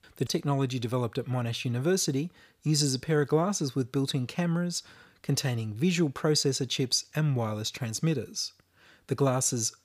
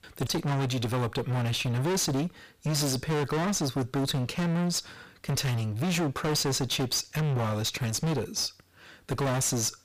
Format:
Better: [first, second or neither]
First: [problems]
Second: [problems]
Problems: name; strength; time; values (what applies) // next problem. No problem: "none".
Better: first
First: none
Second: distortion; heavy; 33% of the sound clipped